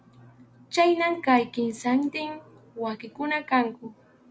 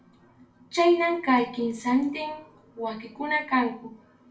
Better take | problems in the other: first | room echo; dies away in 0.3 s

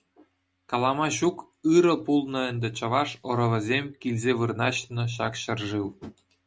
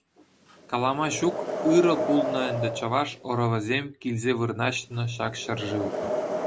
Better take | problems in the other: first | background sound (Wind); 6 dB below the speech

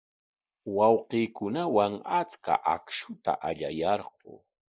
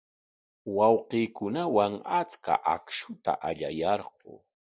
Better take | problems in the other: second | noise reduction (neural mask model Resemble Enhance denoiser)

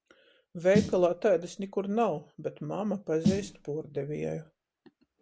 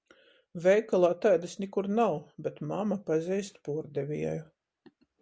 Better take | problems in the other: second | background sound (Snare drum); 5 dB below the speech

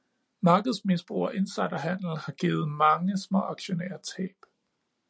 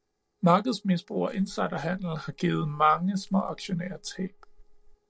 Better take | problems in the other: first | noise reduction (neural separator model SepFormer DNS4)

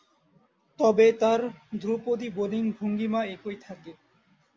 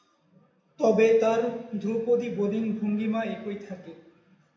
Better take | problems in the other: first | room echo; dies away in 0.8 s

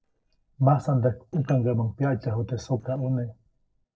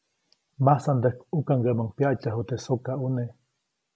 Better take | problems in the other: second | noise reduction (neural separator model SepFormer DNS4)

